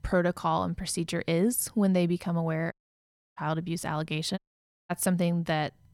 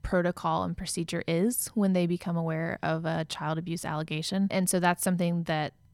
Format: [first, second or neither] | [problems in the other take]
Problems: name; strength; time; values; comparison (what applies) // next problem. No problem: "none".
second | audio cutting out; at 2.5 s for 0.5 s and at 4.5 s for 0.5 s